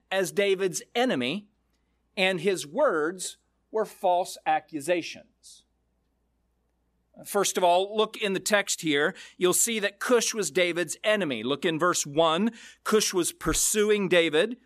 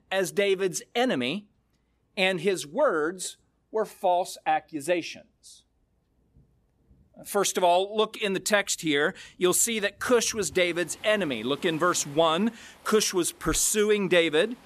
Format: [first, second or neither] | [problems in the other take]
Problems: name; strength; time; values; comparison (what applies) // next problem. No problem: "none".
first | rain or running water; faint; throughout; 25 dB below the speech